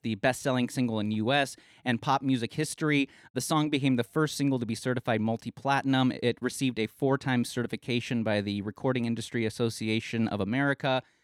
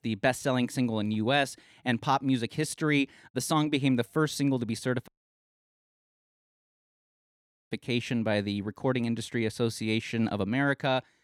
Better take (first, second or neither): first